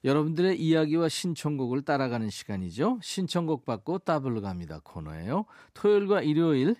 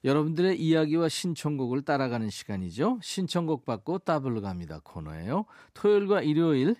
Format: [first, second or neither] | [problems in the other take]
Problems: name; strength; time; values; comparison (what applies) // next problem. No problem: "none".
neither | none